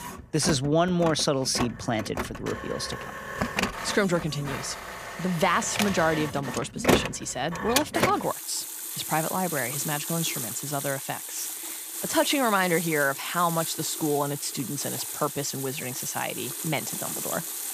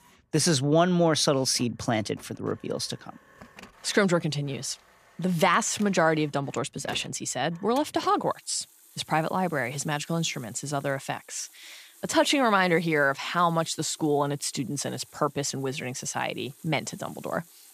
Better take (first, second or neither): second